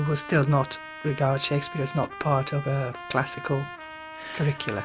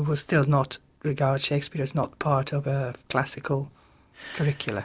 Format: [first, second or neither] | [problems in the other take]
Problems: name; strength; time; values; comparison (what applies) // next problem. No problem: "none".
second | background sound (Trumpet); 13 dB below the speech